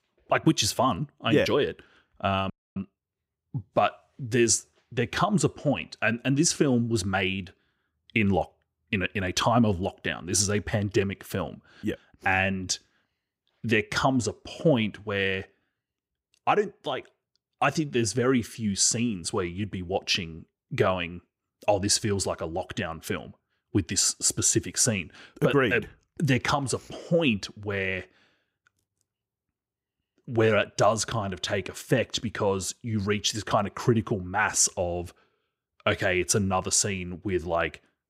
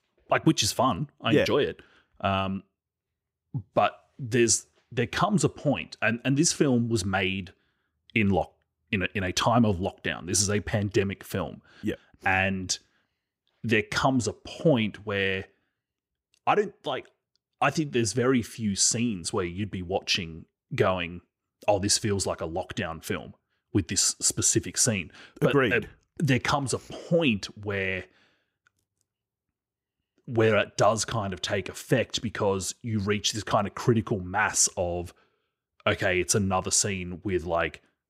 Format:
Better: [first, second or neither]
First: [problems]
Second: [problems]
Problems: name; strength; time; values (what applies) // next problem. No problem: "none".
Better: second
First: audio freezing; at 2.5 s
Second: none